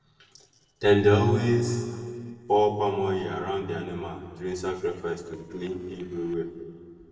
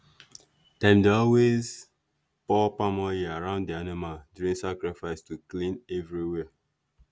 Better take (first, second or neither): second